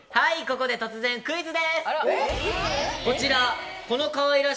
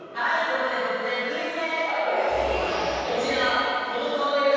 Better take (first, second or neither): first